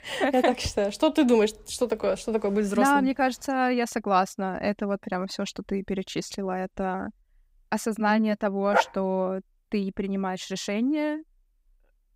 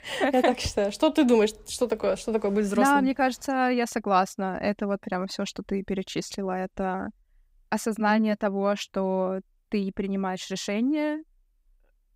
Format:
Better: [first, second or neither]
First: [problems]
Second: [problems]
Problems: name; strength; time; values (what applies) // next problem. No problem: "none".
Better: second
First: dog barking; loud; at 8.5 s; peak level with the speech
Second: none